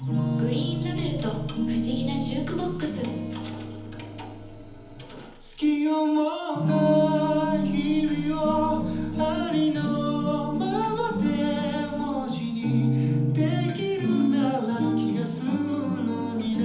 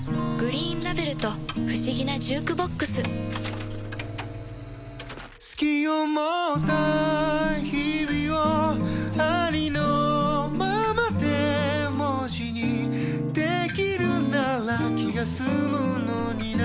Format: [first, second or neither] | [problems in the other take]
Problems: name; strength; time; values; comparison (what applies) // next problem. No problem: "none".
second | room echo; dies away in 1.3 s